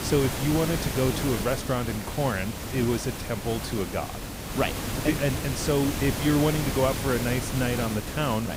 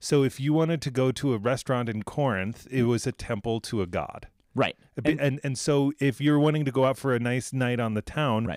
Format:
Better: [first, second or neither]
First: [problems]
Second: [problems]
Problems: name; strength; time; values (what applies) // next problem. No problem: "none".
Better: second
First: hiss; loud; throughout; 4 dB below the speech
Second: none